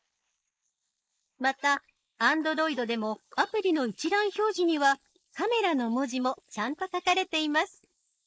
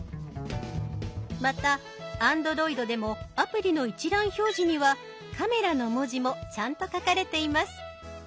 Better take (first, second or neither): second